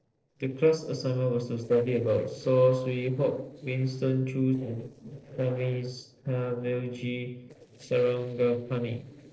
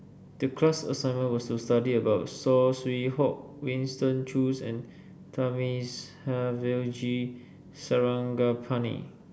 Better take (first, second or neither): second